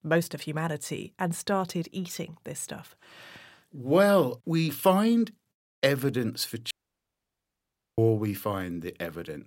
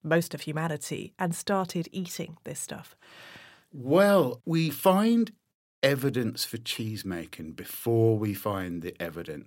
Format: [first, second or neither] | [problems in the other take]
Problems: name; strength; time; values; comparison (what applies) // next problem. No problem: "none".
second | audio cutting out; at 6.5 s for 1.5 s